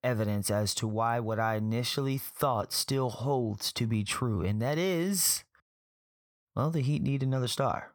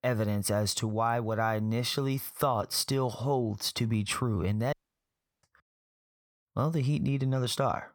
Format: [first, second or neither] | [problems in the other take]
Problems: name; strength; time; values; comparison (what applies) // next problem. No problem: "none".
first | audio cutting out; at 4.5 s for 0.5 s